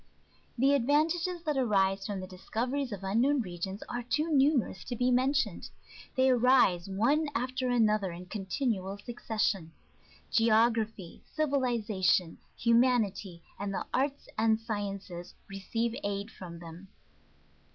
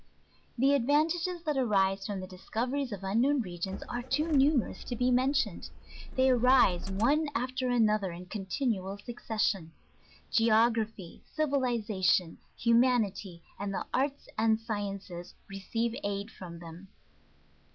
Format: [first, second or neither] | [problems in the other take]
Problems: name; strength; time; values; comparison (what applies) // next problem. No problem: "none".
first | background sound (Motor vehicle (road)); 8 dB below the speech